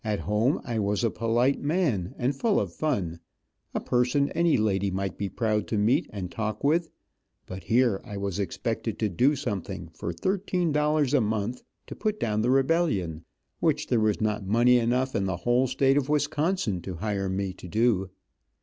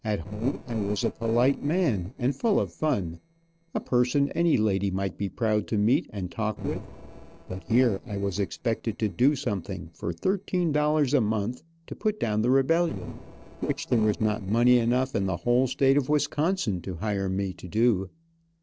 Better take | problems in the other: first | noise reduction (neural separator model SepFormer DNS4)

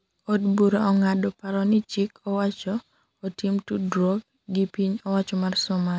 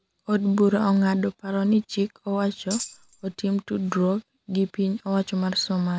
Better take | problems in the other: first | background sound (Tambourine); 12 dB below the speech

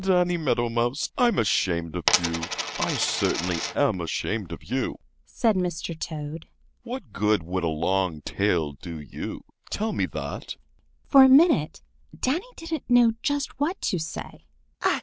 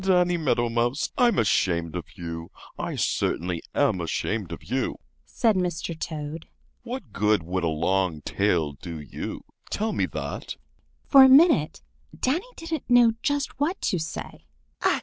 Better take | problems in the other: second | background sound (Coin (dropping)); 3 dB below the speech

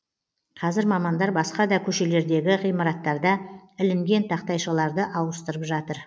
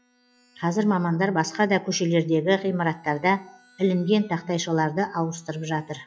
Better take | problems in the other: first | noise reduction (classical method log-MMSE)

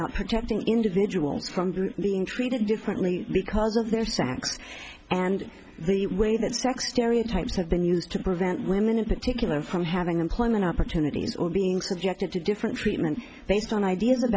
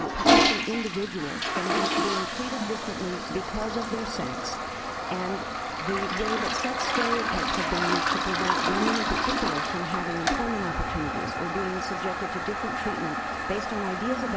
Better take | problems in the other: first | background sound (Toilet flush); 4 dB above the speech

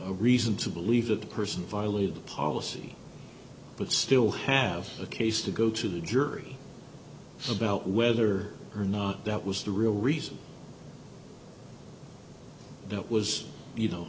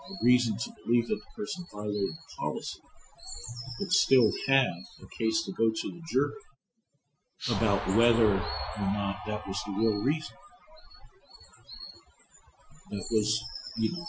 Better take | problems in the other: first | noise reduction (classical method Wiener filter)

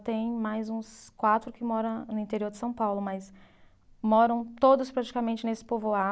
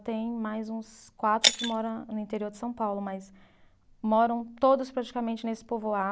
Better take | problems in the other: first | background sound (Shatter); 4 dB below the speech

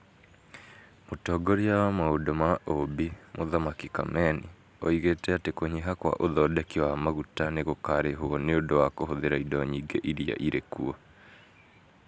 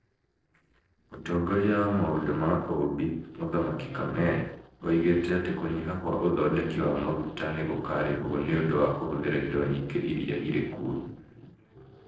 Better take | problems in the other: first | noise reduction (neural separator model SepFormer DNS4)

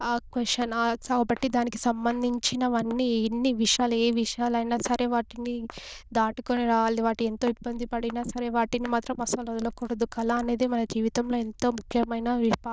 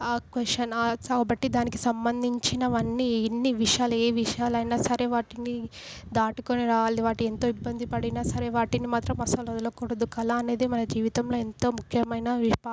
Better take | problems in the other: second | noise reduction (neural diffusion model UNIVERSE++)

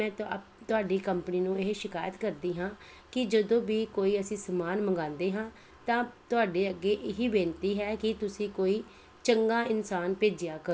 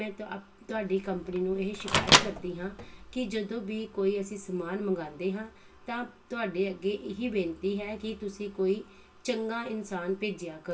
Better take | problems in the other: first | background sound (Microwave oven); 4 dB above the speech // room echo; dies away in 0.2 s

